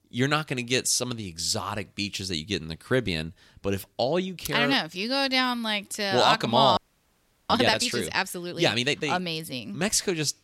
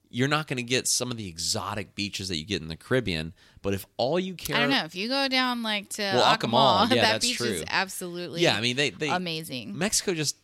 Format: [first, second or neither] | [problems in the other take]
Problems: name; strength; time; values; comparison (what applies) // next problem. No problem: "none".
second | audio freezing; at 7 s for 0.5 s